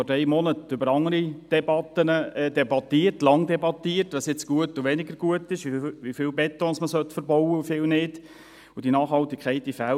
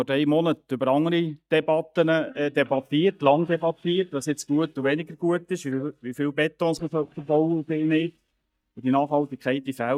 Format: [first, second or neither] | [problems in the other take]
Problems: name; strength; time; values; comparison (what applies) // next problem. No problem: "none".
first | noise reduction (neural mask model DeepFilterNet 3)